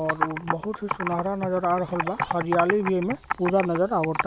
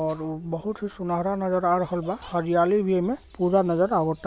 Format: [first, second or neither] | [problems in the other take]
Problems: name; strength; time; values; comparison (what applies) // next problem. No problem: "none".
second | background sound (Computer keyboard); 5 dB below the speech